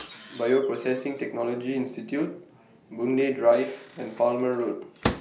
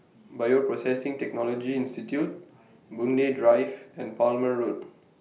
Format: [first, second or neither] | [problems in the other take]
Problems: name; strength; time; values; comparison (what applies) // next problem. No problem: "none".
second | background sound (Microwave oven); 13 dB below the speech